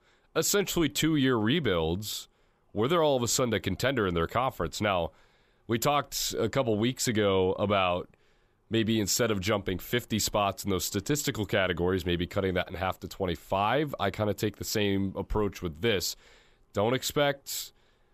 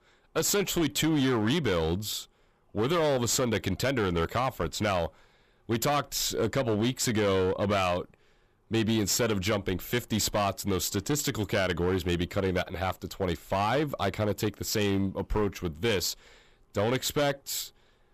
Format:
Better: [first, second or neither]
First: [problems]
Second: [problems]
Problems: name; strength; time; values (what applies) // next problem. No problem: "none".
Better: first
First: none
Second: distortion; slight; 10% of the sound clipped